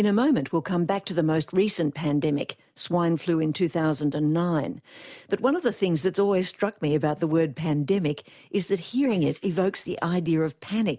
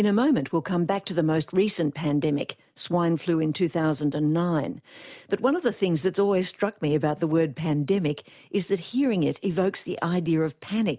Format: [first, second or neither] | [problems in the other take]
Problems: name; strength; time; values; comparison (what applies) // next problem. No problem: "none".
second | noise reduction (neural mask model Resemble Enhance denoiser)